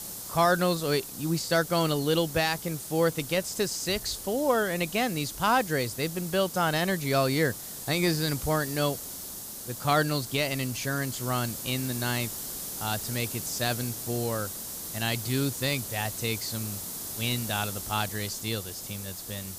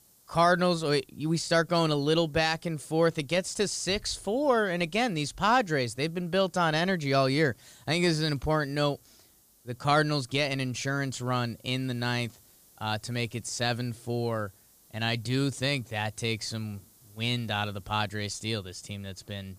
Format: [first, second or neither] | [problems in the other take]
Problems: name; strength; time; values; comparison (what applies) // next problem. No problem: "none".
second | hiss; loud; throughout; 7 dB below the speech; faint in the second